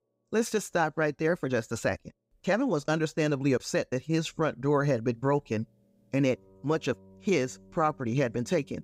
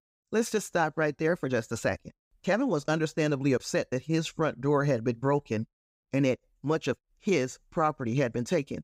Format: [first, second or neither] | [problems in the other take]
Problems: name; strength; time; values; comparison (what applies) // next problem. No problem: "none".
second | background music; faint; throughout; 30 dB below the speech